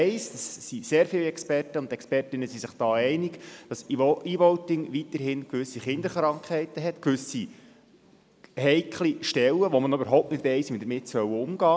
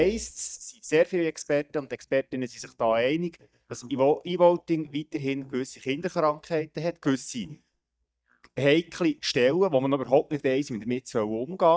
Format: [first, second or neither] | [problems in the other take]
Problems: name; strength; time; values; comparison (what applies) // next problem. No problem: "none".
first | noise reduction (neural mask model DeepFilterNet 3)